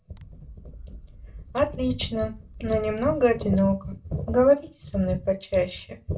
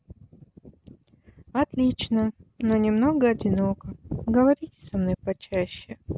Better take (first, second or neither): second